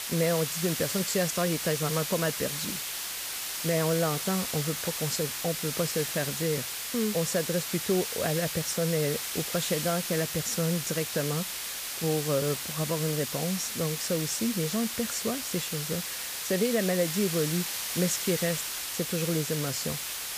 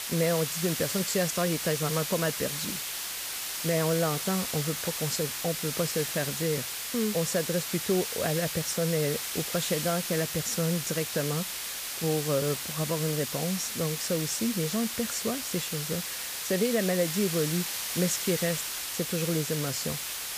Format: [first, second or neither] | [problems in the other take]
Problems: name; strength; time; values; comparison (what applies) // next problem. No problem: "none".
neither | hiss; loud; throughout; 2 dB below the speech; the same in both